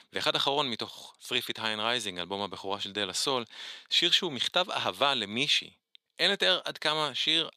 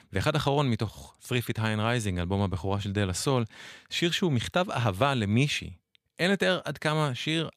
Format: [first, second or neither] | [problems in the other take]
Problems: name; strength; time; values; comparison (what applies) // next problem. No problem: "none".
second | thin; somewhat; fading below 350 Hz